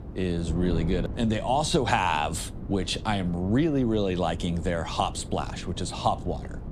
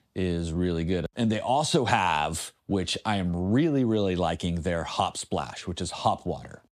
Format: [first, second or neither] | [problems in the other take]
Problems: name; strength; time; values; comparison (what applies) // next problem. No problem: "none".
second | wind noise on the microphone; occasional gusts; 15 dB below the speech